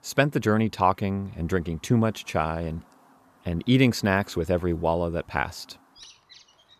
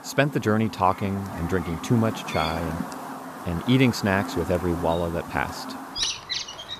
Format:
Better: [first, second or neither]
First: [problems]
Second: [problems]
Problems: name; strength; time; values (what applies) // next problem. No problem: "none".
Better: first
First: animal sounds; faint; throughout; 30 dB below the speech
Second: animal sounds; loud; throughout; 8 dB below the speech